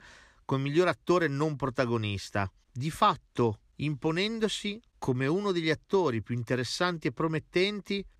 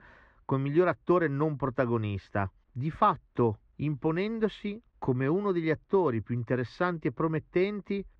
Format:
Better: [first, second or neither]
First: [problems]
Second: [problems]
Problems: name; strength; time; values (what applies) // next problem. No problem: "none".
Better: first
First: none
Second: muffled; very; fading above 1.5 kHz